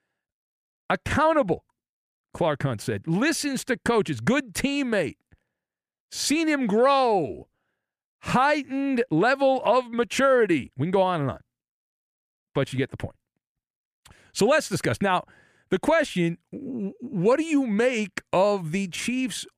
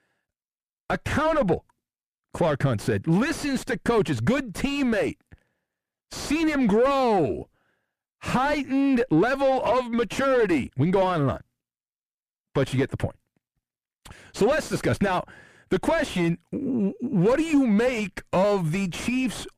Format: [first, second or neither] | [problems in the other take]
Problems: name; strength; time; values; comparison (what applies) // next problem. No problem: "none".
first | distortion; heavy; 5 dB below the speech